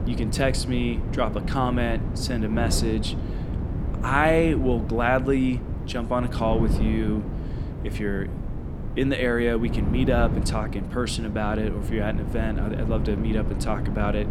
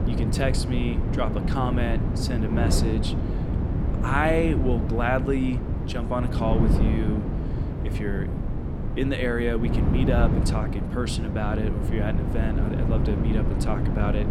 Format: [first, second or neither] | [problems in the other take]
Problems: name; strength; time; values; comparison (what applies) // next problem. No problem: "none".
first | wind noise on the microphone; heavy; 5 dB below the speech; occasional gusts in the first